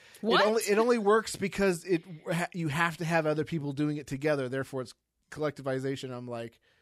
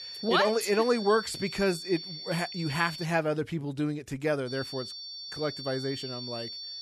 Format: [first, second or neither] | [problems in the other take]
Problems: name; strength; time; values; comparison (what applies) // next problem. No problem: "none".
first | high-pitched whine; loud; until 3 s and from 4.5 s on; 4.5 kHz, 9 dB below the speech